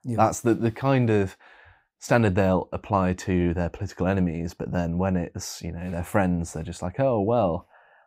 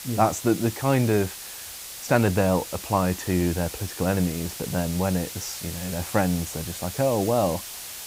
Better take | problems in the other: first | hiss; loud; throughout; 9 dB below the speech

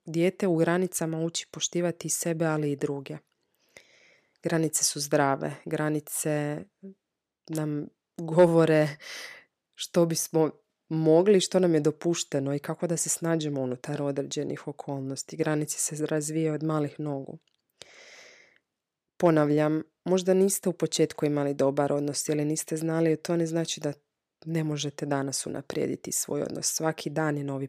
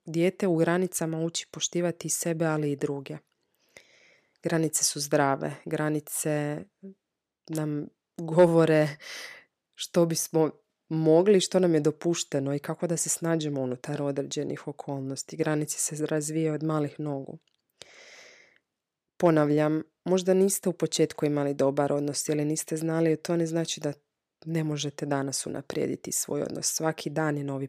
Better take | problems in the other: neither | none

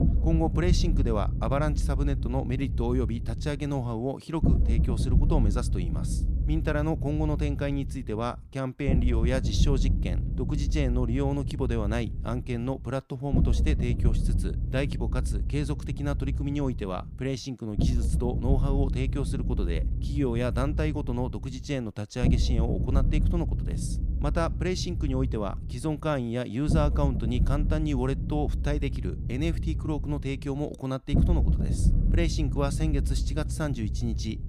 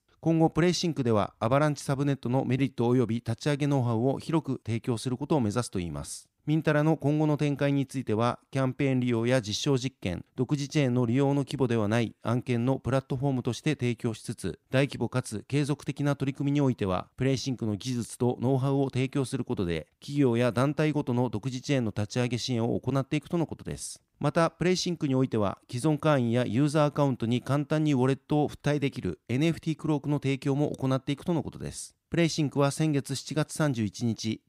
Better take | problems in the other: second | low rumble; loud; throughout; 8 dB below the speech

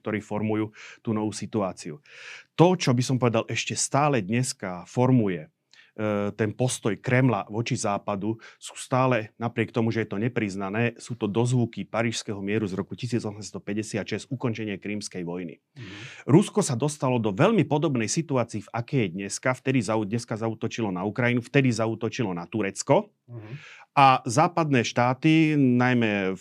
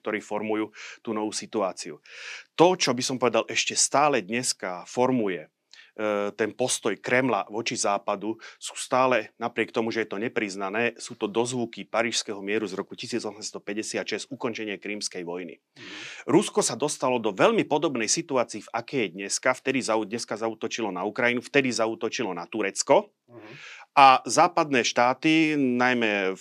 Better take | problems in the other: first | thin; somewhat; fading below 350 Hz

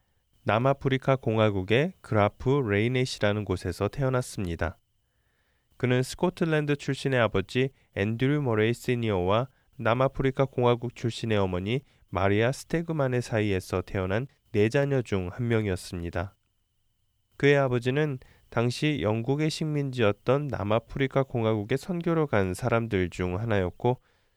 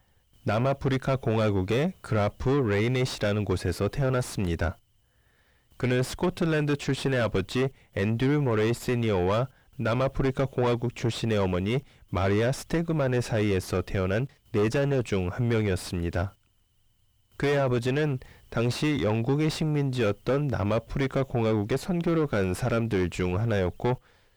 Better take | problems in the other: first | distortion; heavy; 5 dB below the speech

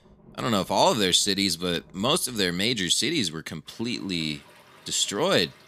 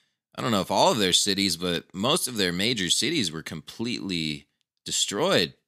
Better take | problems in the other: second | rain or running water; faint; throughout; 30 dB below the speech

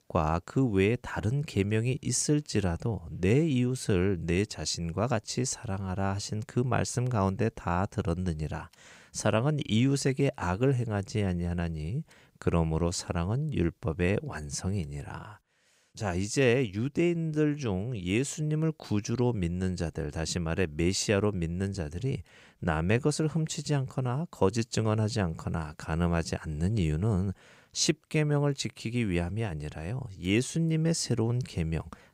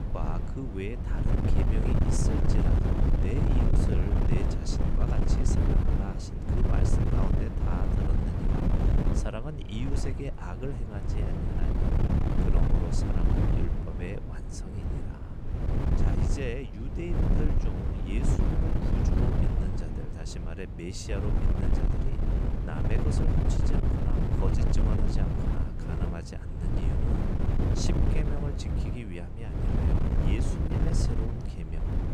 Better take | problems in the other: first | wind noise on the microphone; heavy; 4 dB above the speech

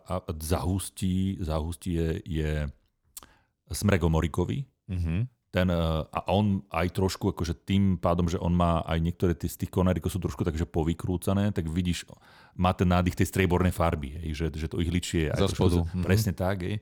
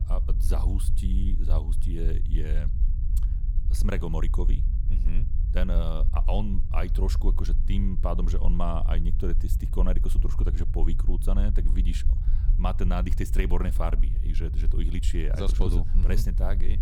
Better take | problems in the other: first | low rumble; noticeable; throughout; 10 dB below the speech

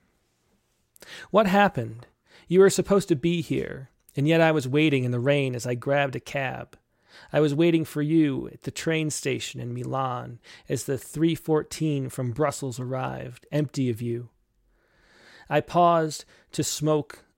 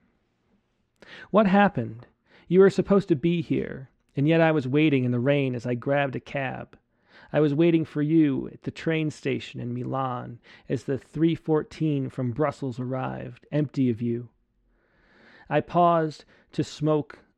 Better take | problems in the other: first | muffled; slightly; fading above 3 kHz

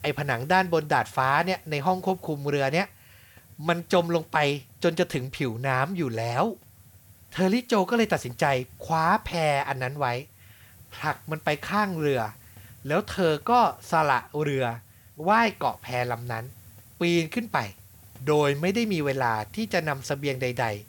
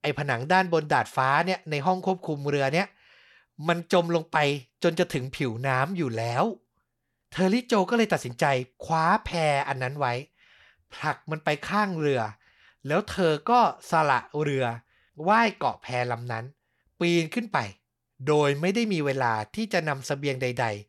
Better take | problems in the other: second | hiss; faint; throughout; 25 dB below the speech

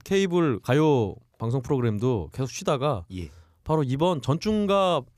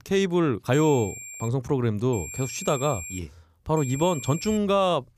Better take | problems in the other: first | high-pitched whine; noticeable; at 0.5 s, from 2 to 3 s and at 4 s; 7.5 kHz, 10 dB below the speech

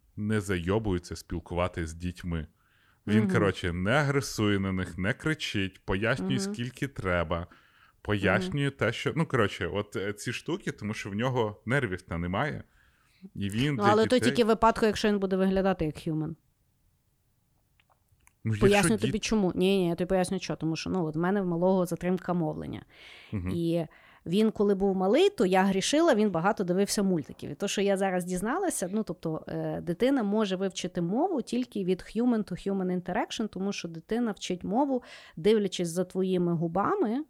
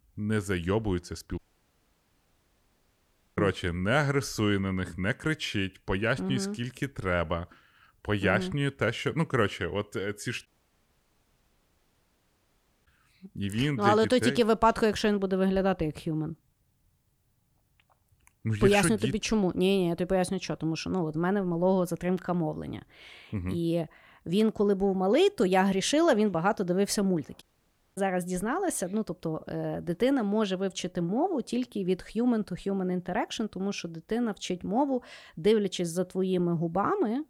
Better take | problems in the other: first | audio cutting out; at 1.5 s for 2 s, at 10 s for 2.5 s and at 27 s for 0.5 s

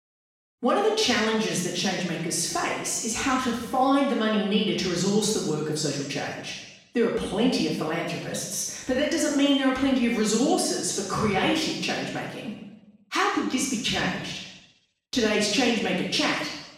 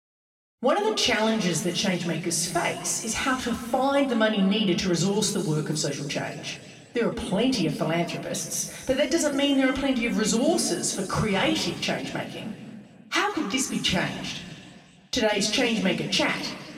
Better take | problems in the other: second | room echo; strong; dies away in 0.9 s; slight in the second // off-mic speech; far; somewhat distant in the second

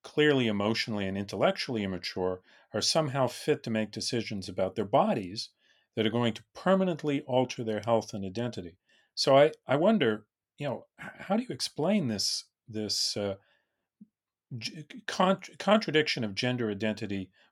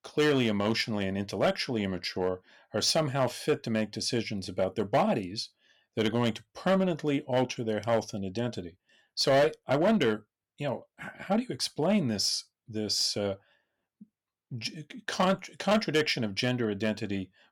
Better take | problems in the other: first | distortion; slight; 3% of the sound clipped

